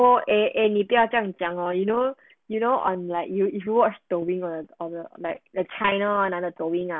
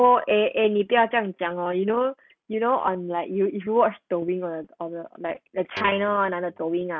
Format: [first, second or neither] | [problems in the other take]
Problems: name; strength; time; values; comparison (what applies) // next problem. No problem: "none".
first | noise reduction (neural mask model RNNoise)